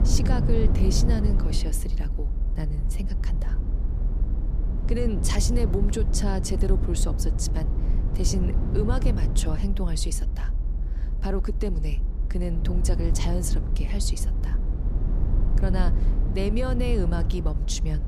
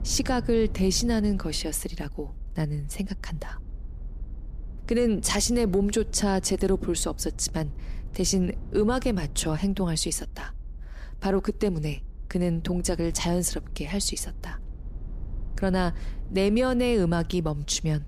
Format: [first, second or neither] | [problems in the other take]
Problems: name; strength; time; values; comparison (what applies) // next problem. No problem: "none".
second | low rumble; loud; throughout; 7 dB below the speech; faint in the second